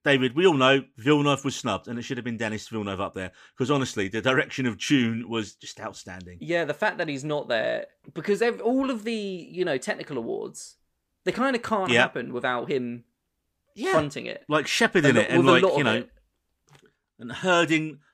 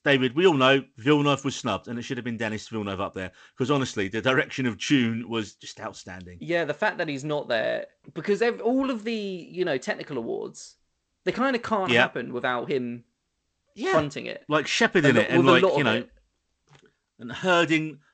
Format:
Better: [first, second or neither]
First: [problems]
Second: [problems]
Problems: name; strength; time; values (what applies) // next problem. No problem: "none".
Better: first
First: none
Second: garbled, watery; slightly; nothing above 8 kHz